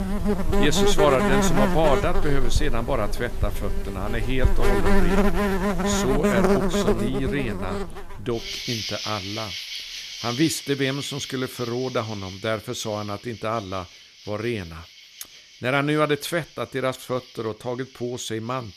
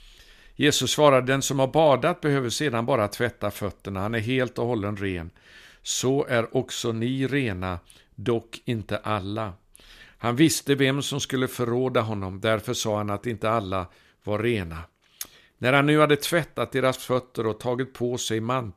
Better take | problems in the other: second | animal sounds; very loud; throughout; 1 dB above the speech

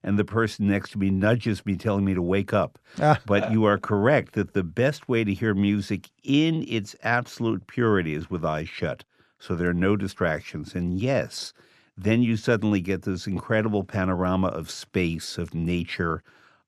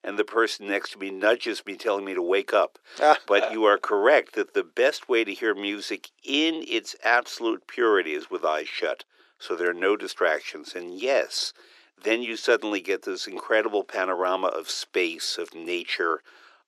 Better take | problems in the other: first | thin; very; fading below 350 Hz

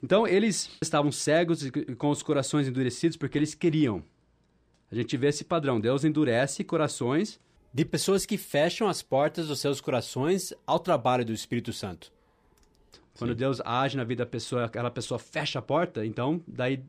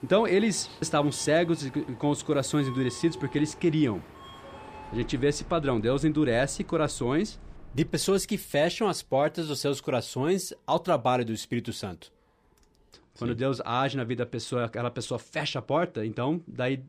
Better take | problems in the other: first | train or aircraft noise; noticeable; until 8 s; 20 dB below the speech

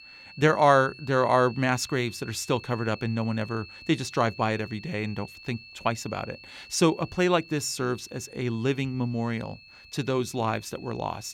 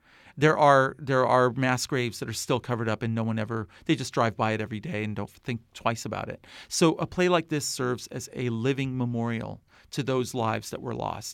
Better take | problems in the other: second | high-pitched whine; noticeable; throughout; 2.5 kHz, 20 dB below the speech

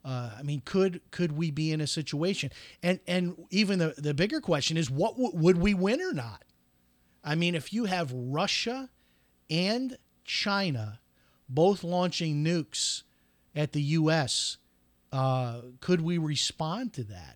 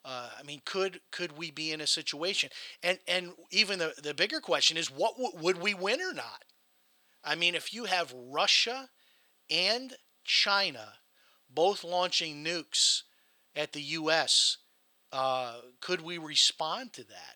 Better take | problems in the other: first | thin; very; fading below 550 Hz

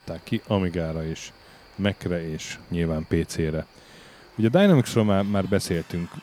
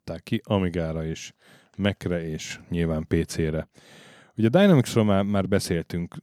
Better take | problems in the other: second | animal sounds; faint; throughout; 25 dB below the speech

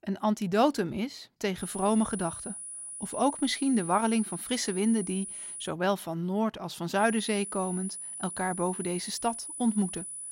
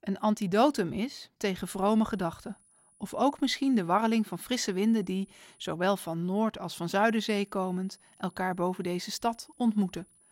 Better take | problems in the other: second | high-pitched whine; loud; from 1.5 to 5.5 s and from 7 s on; 10 kHz, 8 dB below the speech; faint in the second

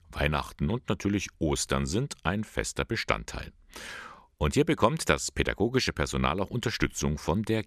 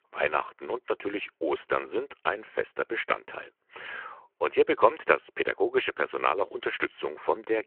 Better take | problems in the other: first | phone-call audio

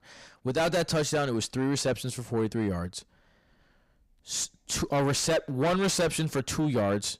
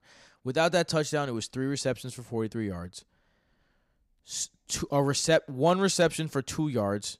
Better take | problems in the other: second | distortion; heavy; 6 dB below the speech

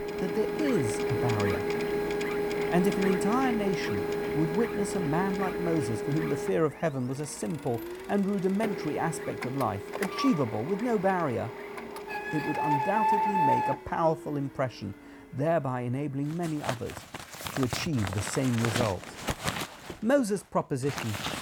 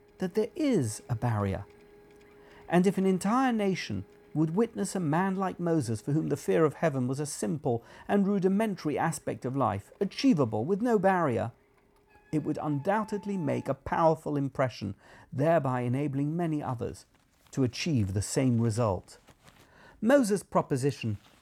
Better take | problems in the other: second | household noises; loud; throughout; 1 dB below the speech; faint in the second

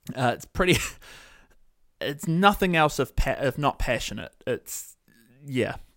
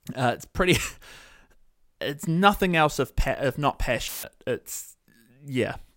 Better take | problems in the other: first | audio cutting out; filled with static; at 4 s

